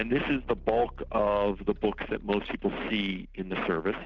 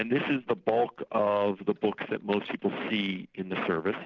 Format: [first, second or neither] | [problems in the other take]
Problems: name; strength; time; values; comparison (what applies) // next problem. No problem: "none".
second | background sound (Keyboard (musical)); 16 dB below the speech